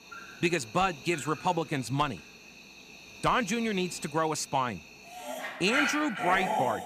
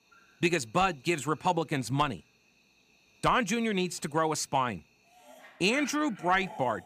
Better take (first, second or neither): second